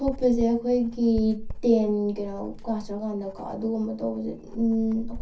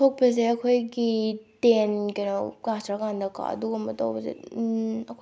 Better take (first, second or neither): second